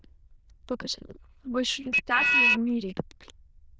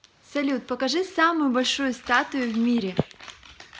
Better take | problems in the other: second | noise reduction (neural diffusion model UNIVERSE++)

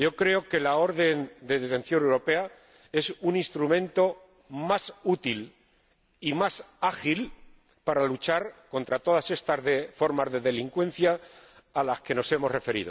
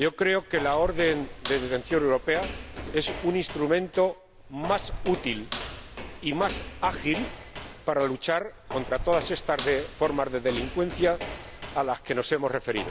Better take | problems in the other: first | background sound (Walk, footsteps); 10 dB below the speech

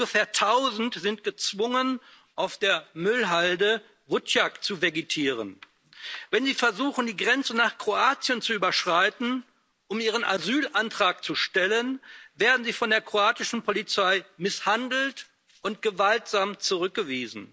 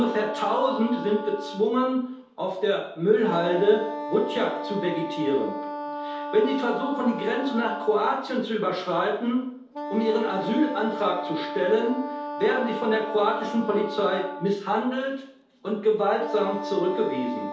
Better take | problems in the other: first | background sound (Wind instrument, woodwind instrument); 9 dB below the speech // room echo; dies away in 0.8 s

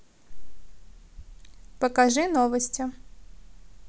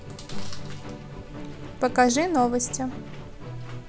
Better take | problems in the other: first | background sound (Musical instrument + Chewing, mastication); 10 dB below the speech

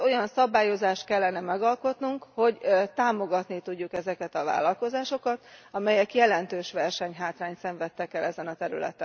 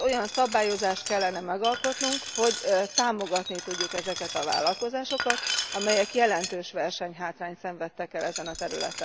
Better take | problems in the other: first | background sound (Glass); 6 dB below the speech

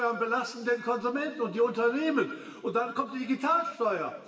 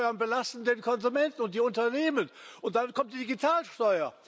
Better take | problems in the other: second | room echo; dies away in 1.2 s

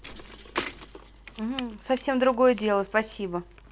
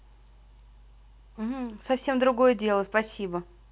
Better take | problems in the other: second | background sound (Bicycle); 14 dB below the speech

